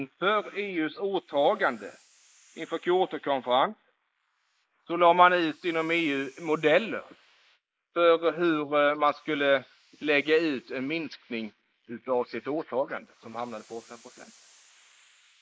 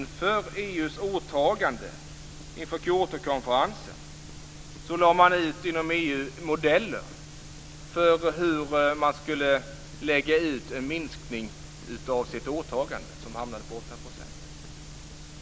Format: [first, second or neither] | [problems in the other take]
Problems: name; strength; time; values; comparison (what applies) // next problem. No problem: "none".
second | noise reduction (neural mask model Resemble Enhance denoiser)